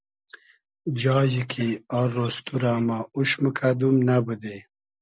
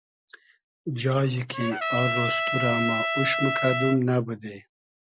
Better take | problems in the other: first | background sound (Trumpet); 1 dB below the speech

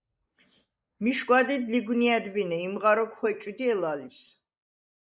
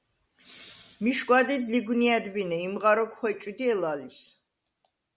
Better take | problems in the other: second | noise reduction (neural mask model Resemble Enhance denoiser)

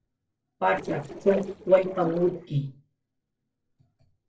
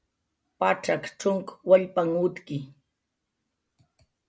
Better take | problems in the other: second | noise reduction (neural separator model SepFormer DNS4)

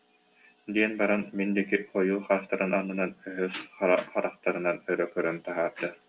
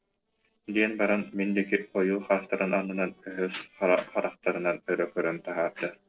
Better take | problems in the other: first | noise reduction (neural separator model SepFormer DNS4)

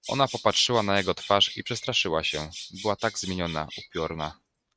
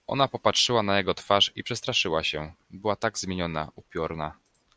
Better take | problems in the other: second | noise reduction (neural mask model RNNoise)

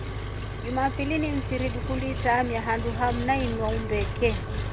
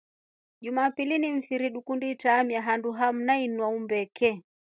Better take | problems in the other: second | background sound (Engine); 2 dB below the speech

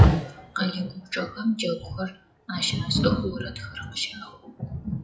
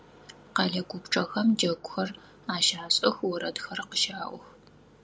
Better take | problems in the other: second | noise reduction (classical method WPE with log-MMSE)

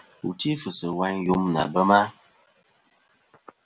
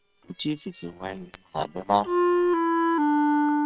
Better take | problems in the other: first | noise reduction (neural separator model SepFormer WHAM!)

